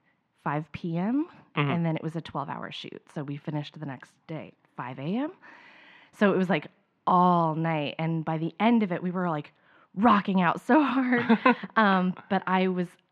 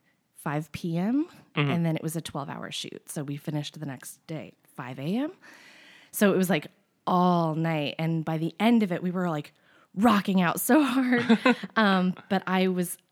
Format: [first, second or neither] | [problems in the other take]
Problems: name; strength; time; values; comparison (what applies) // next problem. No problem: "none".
second | muffled; slightly; fading above 2.5 kHz